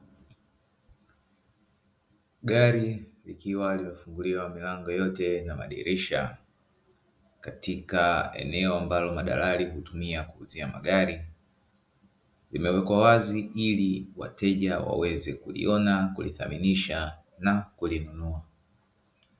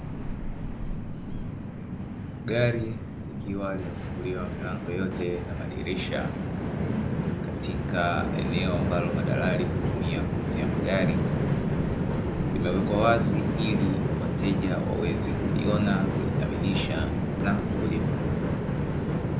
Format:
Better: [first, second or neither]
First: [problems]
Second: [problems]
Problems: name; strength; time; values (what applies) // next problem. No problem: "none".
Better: first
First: none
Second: background sound (Train); 4 dB above the speech